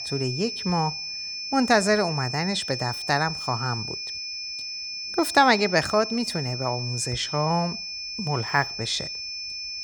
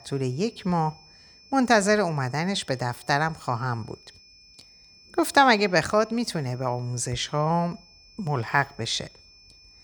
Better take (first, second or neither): second